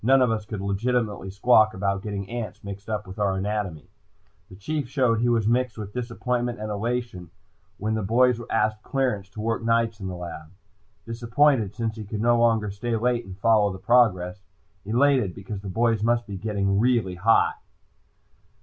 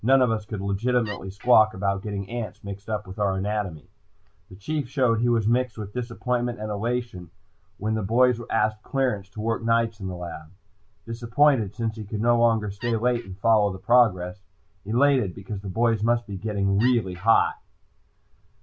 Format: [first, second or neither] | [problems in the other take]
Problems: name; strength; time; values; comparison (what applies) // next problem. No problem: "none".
first | background sound (Wood); 16 dB below the speech